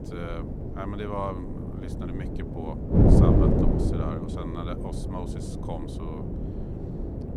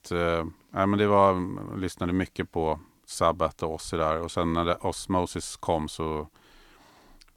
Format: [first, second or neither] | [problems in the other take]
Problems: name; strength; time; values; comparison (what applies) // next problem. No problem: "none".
second | wind noise on the microphone; heavy; 4 dB above the speech